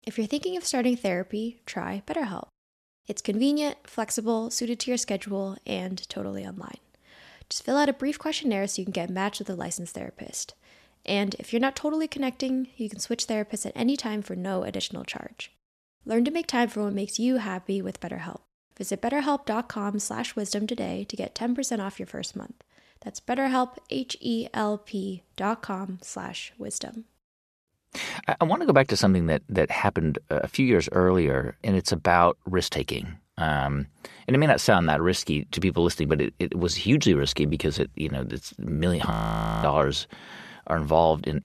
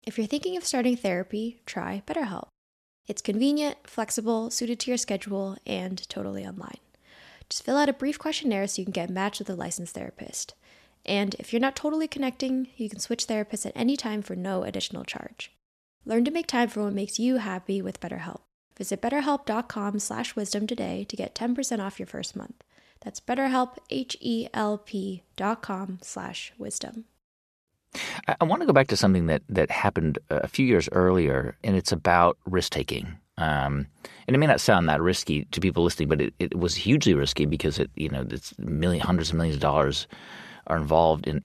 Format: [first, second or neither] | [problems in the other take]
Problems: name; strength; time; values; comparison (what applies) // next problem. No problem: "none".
second | audio freezing; at 39 s for 0.5 s